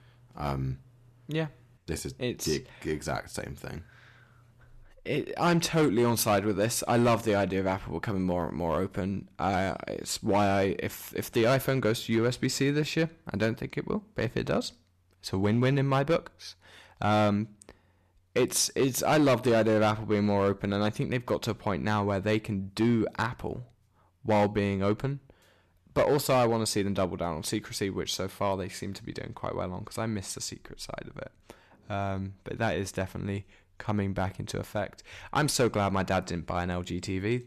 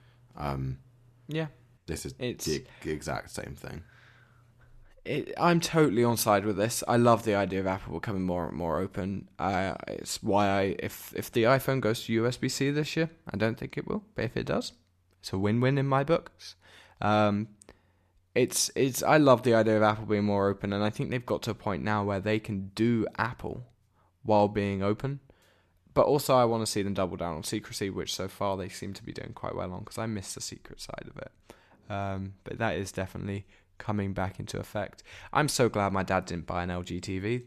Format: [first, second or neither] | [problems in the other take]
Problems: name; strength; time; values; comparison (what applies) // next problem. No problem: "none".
second | distortion; slight; 3% of the sound clipped